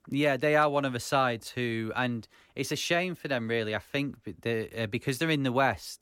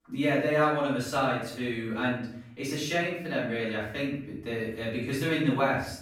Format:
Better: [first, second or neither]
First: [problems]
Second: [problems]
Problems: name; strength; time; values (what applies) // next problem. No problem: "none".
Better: first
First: none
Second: off-mic speech; far // room echo; noticeable; dies away in 0.6 s